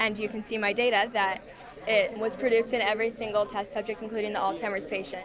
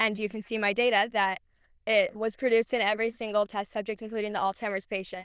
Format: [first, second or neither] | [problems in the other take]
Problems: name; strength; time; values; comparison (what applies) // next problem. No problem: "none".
first | noise reduction (neural diffusion model UNIVERSE++)